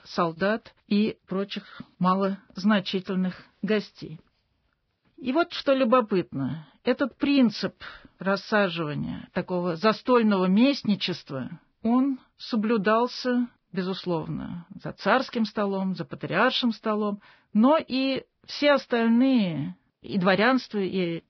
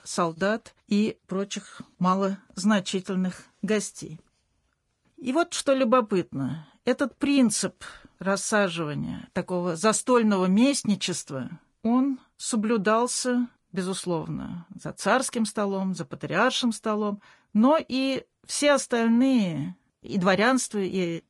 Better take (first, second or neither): second